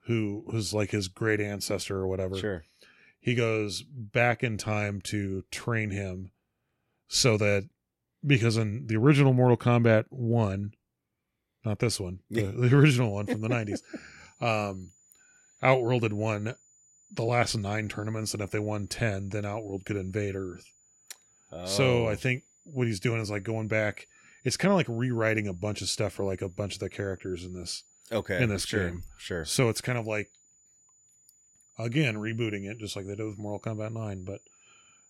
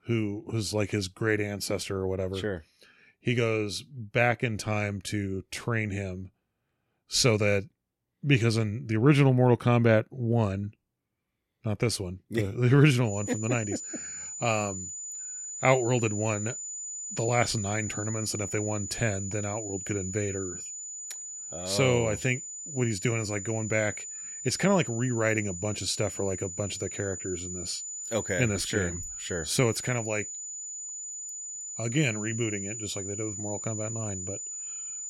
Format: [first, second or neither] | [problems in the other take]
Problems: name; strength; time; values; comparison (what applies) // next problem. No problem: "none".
first | high-pitched whine; loud; from 13 s on; 7 kHz, 7 dB below the speech; faint in the first